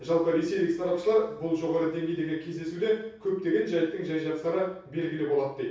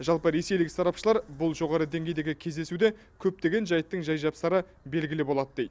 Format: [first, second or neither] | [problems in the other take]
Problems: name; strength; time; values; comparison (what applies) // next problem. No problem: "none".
second | room echo; dies away in 0.6 s